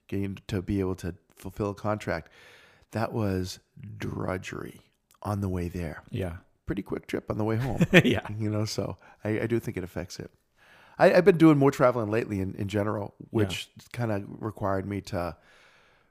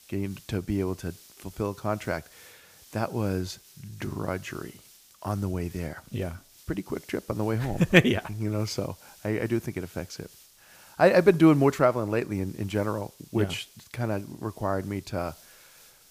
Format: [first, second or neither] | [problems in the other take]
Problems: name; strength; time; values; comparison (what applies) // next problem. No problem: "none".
first | hiss; faint; throughout; 25 dB below the speech